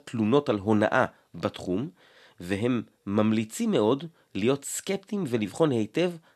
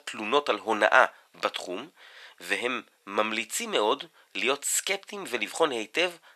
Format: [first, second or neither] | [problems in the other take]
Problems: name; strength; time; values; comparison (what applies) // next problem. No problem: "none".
first | thin; very; fading below 750 Hz